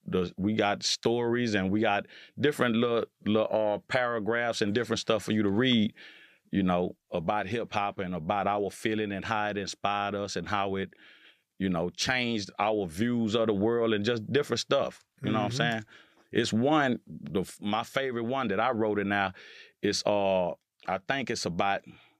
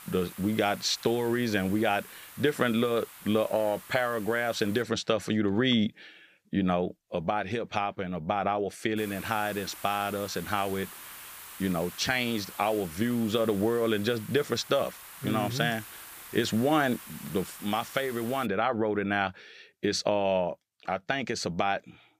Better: first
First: none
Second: hiss; noticeable; until 5 s and from 9 to 18 s; 15 dB below the speech

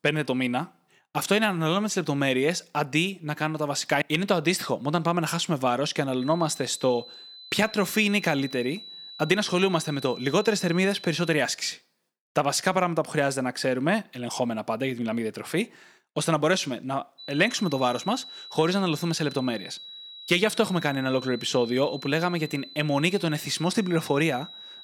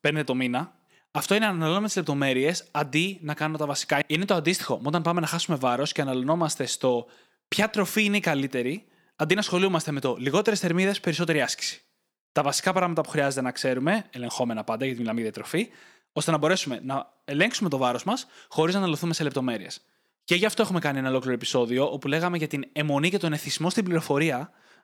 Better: second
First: high-pitched whine; noticeable; from 6 to 11 s and from 17 s on; 4 kHz, 15 dB below the speech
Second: none

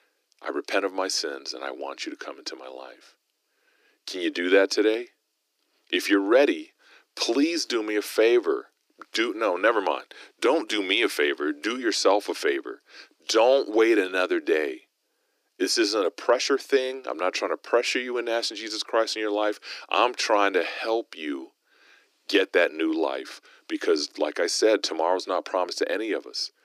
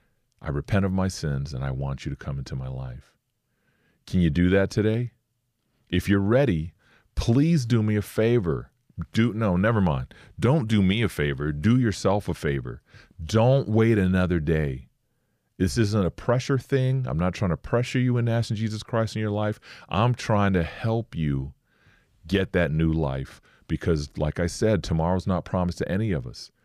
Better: second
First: thin; very; fading below 300 Hz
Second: none

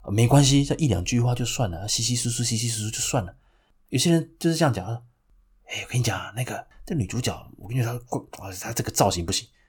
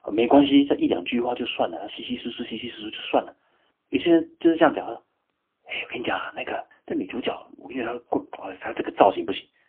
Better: first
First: none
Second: phone-call audio; poor line; nothing above 3.5 kHz

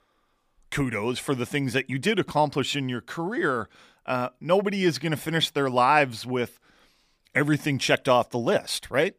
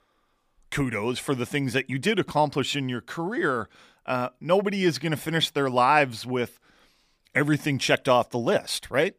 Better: neither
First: none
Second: none

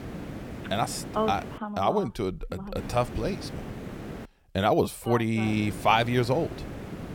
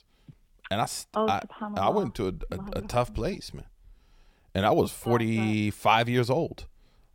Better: second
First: hiss; noticeable; until 1.5 s, from 3 to 4.5 s and from 5.5 s on; 10 dB below the speech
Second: none

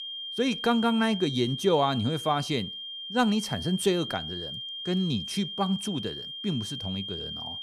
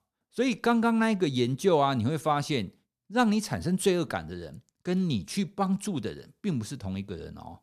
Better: second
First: high-pitched whine; loud; throughout; 3 kHz, 7 dB below the speech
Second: none

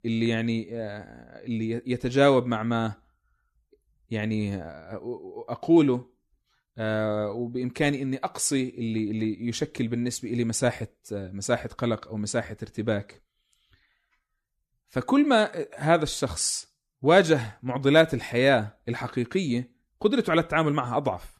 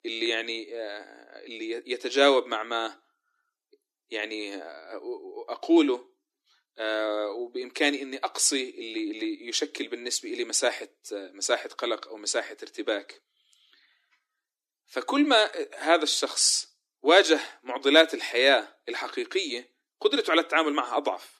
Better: first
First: none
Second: thin; somewhat; fading below 300 Hz

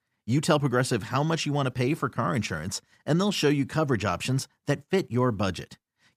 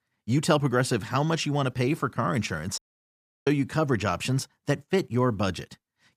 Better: first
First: none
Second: audio cutting out; at 3 s for 0.5 s

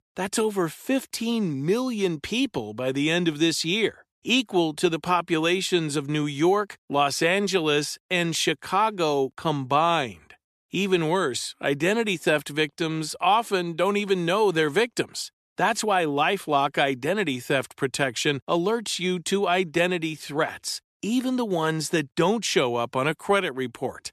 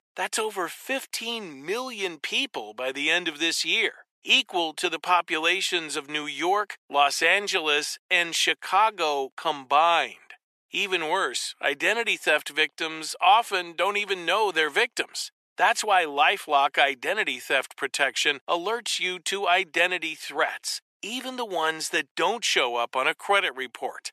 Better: first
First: none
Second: thin; very; fading below 550 Hz

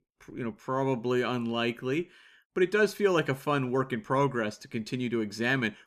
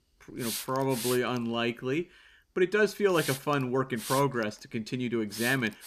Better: first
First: none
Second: hiss; loud; throughout; 8 dB below the speech

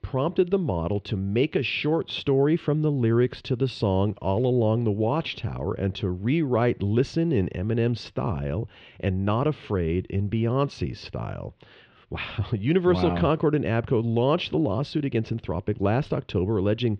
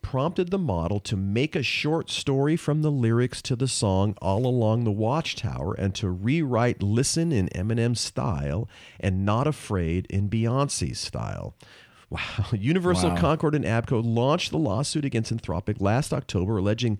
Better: second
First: muffled; slightly; fading above 3.5 kHz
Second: none

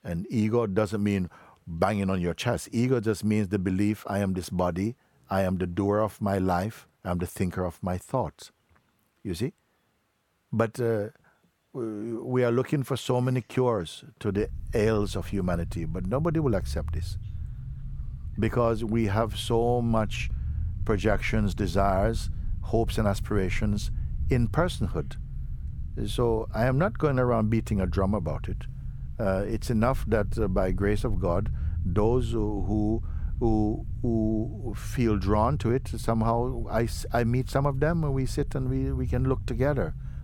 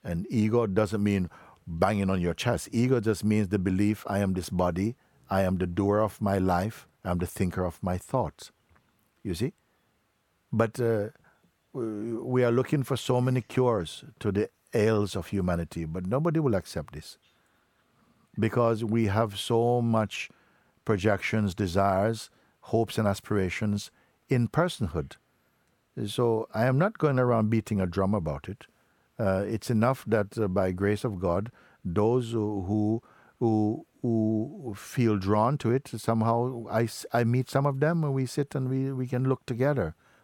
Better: second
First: low rumble; faint; from 14 s on; 20 dB below the speech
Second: none

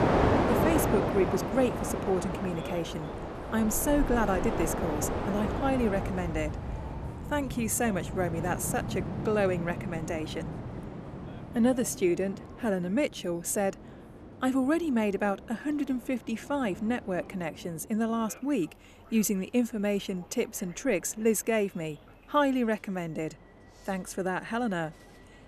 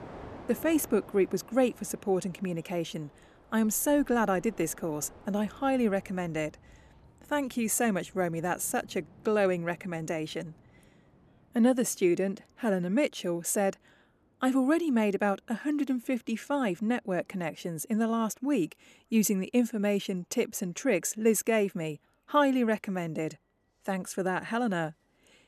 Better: second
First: train or aircraft noise; loud; throughout; 3 dB below the speech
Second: train or aircraft noise; faint; throughout; 25 dB below the speech

